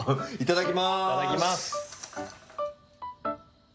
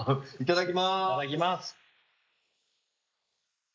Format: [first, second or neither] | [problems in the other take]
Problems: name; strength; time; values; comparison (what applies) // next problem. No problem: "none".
first | noise reduction (neural mask model Resemble Enhance denoiser)